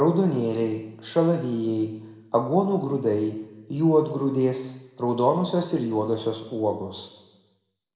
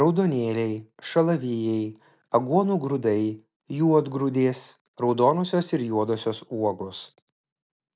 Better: second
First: room echo; dies away in 1 s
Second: none

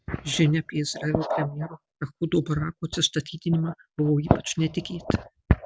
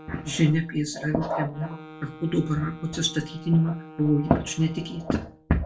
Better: first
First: none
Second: background sound (Wind instrument, woodwind instrument); 19 dB below the speech // room echo; dies away in 0.3 s

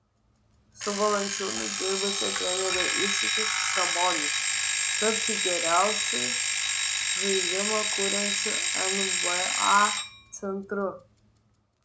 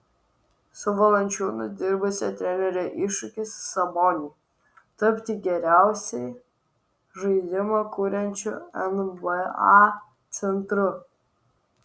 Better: second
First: background sound (Alarm); 3 dB above the speech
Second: none

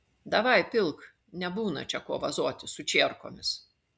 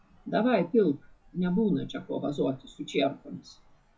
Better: first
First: none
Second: noise reduction (classical method WPE with log-MMSE)

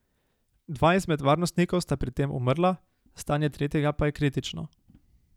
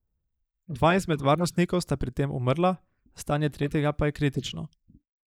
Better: first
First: none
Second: noise reduction (neural mask model Resemble Enhance denoiser)

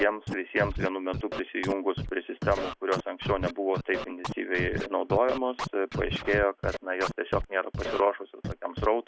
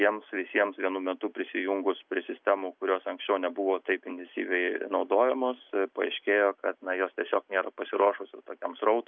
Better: second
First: background sound (Scratching (performance technique)); 7 dB below the speech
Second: none

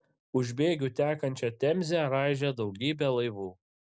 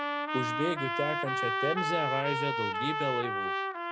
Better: first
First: none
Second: background sound (Trumpet); 2 dB above the speech

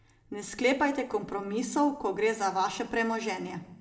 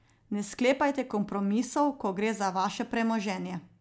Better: second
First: room echo; dies away in 0.6 s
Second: none

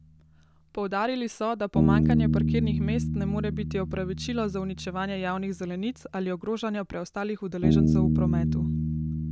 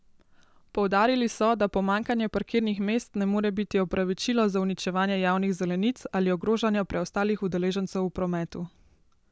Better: second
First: background sound (Bass guitar); 4 dB above the speech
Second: none

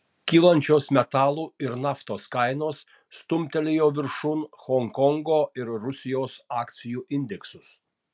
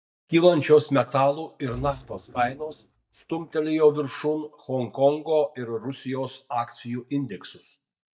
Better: first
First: none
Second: noise reduction (neural mask model DeepFilterNet 3)

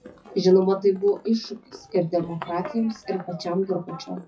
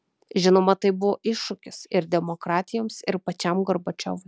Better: second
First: noise reduction (classical method WPE with log-MMSE)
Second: none

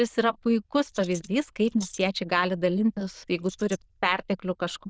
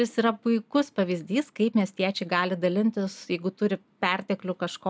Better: second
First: noise reduction (neural diffusion model UNIVERSE++)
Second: none

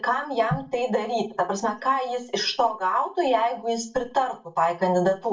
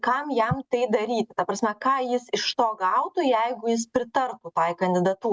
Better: second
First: room echo; dies away in 0.3 s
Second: none

